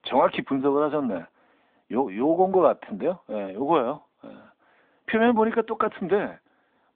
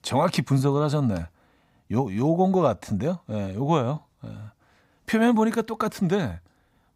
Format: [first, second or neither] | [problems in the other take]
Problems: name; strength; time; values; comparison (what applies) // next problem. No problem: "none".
second | phone-call audio; nothing above 3.5 kHz